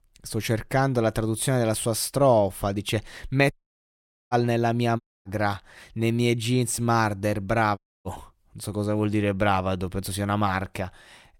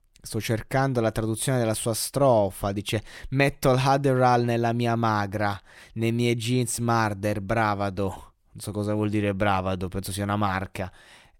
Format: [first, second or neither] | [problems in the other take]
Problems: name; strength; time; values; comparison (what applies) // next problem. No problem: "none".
second | audio cutting out; at 3.5 s for 1 s, at 5 s and at 8 s